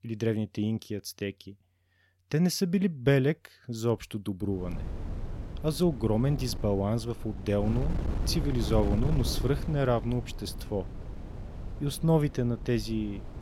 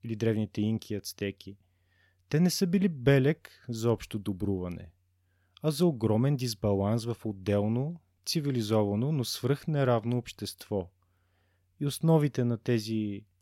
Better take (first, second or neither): second